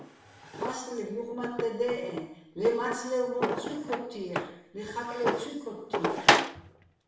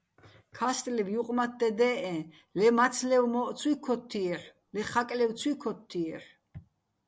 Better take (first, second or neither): second